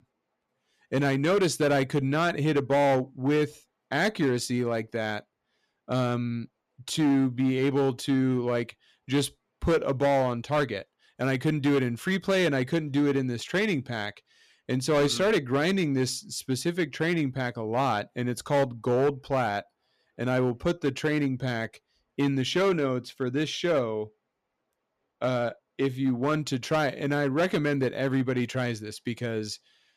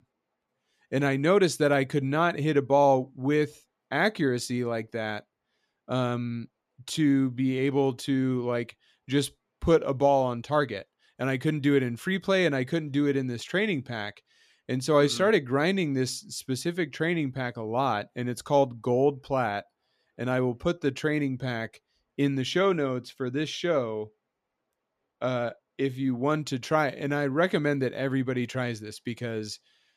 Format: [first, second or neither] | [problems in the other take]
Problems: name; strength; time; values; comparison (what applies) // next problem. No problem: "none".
second | distortion; slight; 7% of the sound clipped